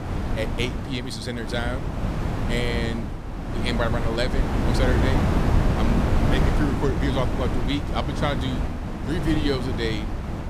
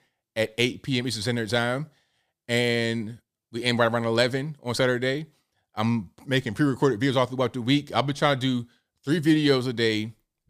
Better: second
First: wind noise on the microphone; heavy; 2 dB below the speech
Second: none

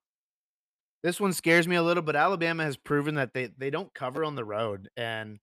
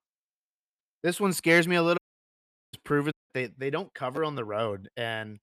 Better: first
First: none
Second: audio cutting out; at 2 s for 1 s and at 3 s

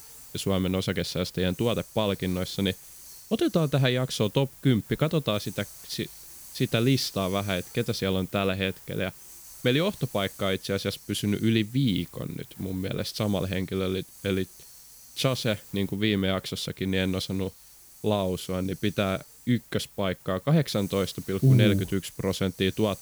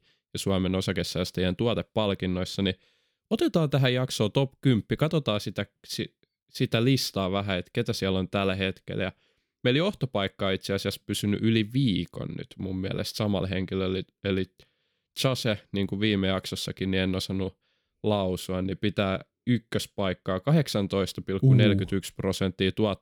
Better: second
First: hiss; noticeable; throughout; 20 dB below the speech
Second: none

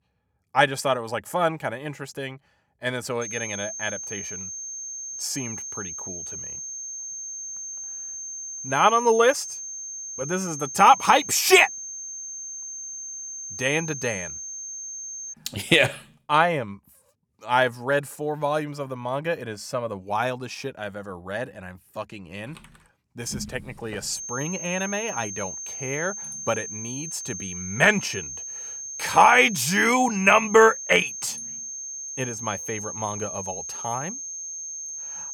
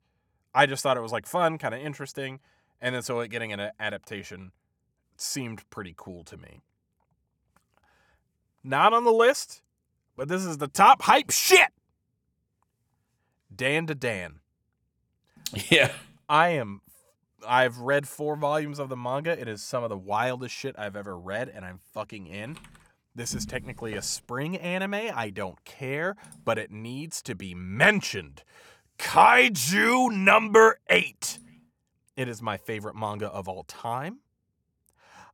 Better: second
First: high-pitched whine; loud; from 3 to 15 s and from 24 s on; 6.5 kHz, 9 dB below the speech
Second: none

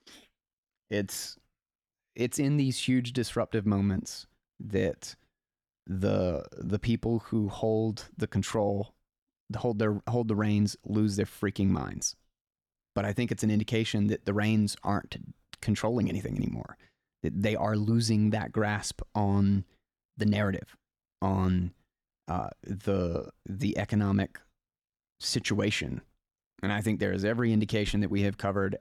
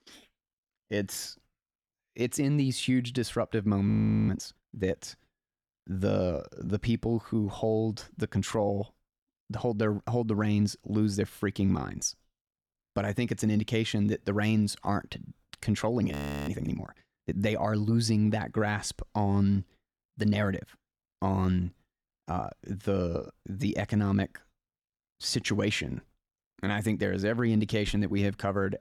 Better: first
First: none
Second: audio freezing; at 4 s and at 16 s

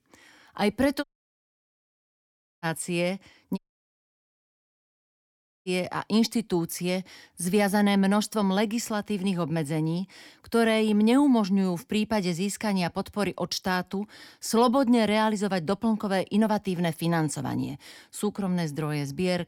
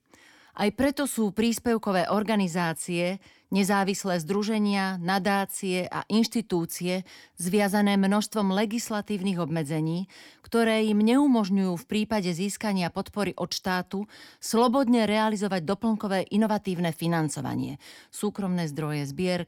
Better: second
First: audio cutting out; at 1 s for 1.5 s and at 3.5 s for 2 s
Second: none

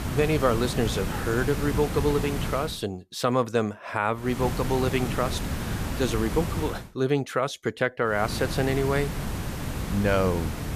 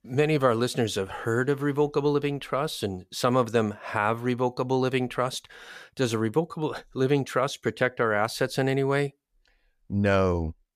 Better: second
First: hiss; loud; until 2.5 s, from 4.5 to 7 s and from 8 s on; 5 dB below the speech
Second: none

